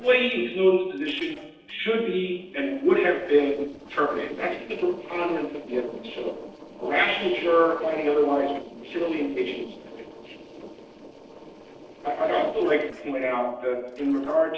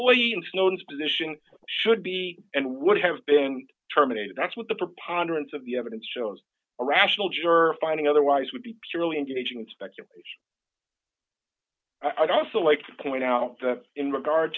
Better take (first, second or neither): second